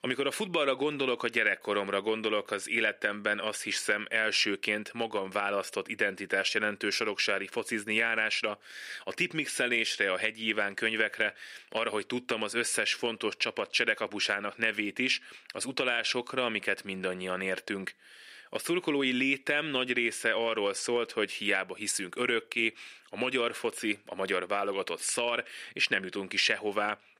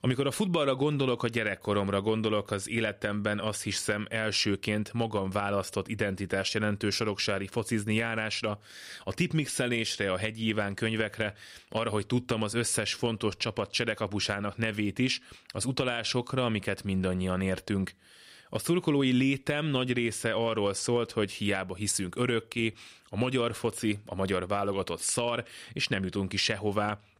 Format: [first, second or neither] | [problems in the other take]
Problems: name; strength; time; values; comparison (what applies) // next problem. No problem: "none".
second | thin; somewhat; fading below 350 Hz